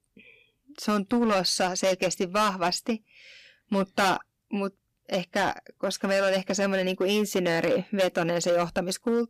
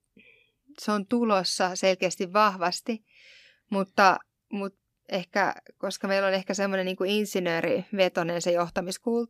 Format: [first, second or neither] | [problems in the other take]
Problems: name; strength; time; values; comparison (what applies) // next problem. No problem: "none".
second | distortion; heavy; 8% of the sound clipped